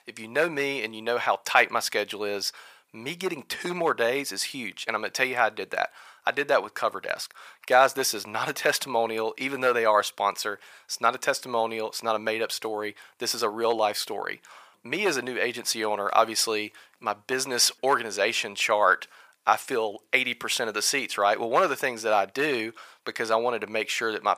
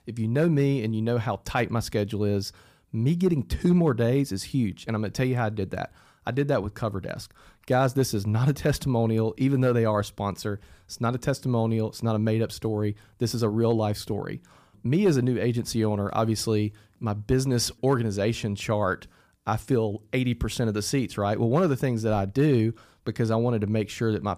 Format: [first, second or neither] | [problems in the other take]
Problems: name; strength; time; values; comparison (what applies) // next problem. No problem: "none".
second | thin; very; fading below 750 Hz